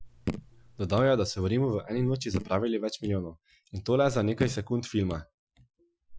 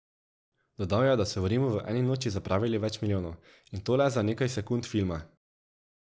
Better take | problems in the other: second | noise reduction (classical method Wiener filter)

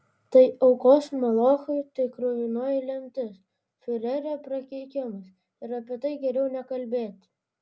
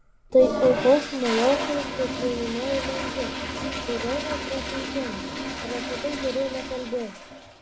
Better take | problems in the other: first | background sound (Toilet flush); 5 dB below the speech

